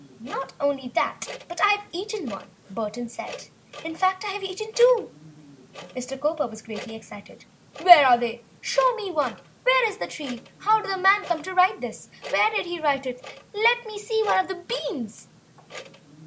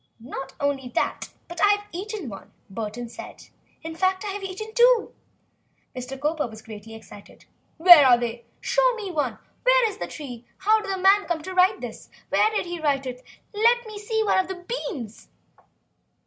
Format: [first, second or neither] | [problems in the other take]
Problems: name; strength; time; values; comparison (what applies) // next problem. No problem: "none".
second | background sound (Clock); 19 dB below the speech